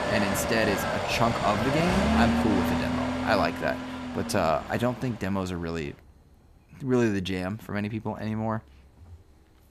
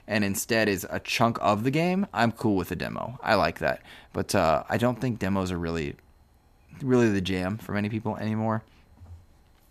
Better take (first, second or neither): second